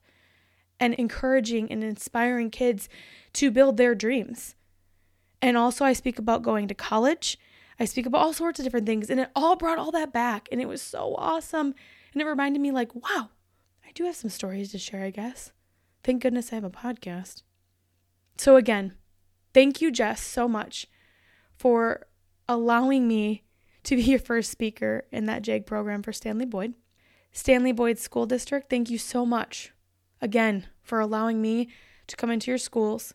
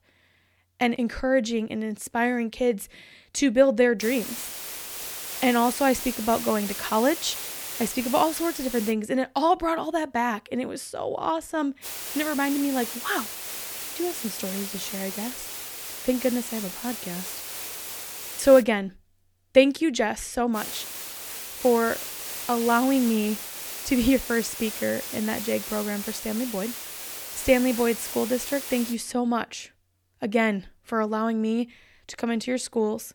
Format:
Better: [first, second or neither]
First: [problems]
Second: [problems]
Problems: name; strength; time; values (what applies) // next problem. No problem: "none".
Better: first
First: none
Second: hiss; loud; from 4 to 9 s, from 12 to 19 s and from 21 to 29 s; 7 dB below the speech